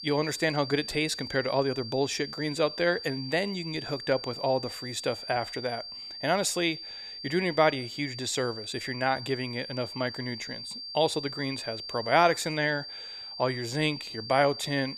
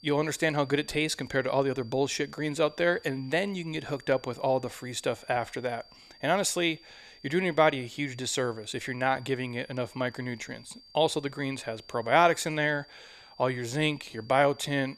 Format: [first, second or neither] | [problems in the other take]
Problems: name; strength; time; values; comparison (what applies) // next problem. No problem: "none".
second | high-pitched whine; loud; throughout; 4.5 kHz, 9 dB below the speech; faint in the second